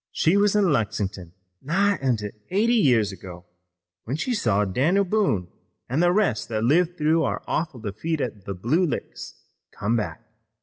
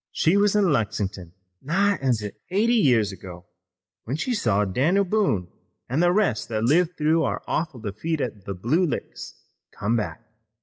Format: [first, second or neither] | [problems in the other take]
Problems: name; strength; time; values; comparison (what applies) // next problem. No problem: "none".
first | noise reduction (neural mask model Resemble Enhance denoiser)